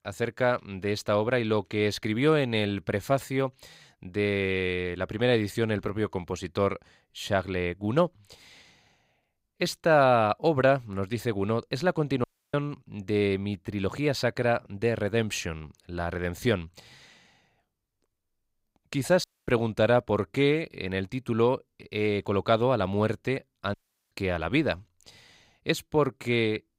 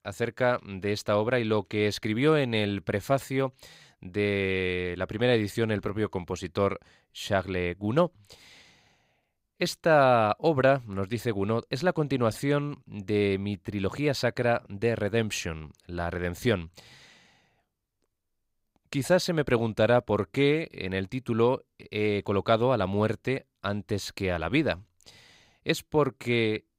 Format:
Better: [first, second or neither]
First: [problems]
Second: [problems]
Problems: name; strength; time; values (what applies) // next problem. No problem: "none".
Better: second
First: audio cutting out; at 12 s, at 19 s and at 24 s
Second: none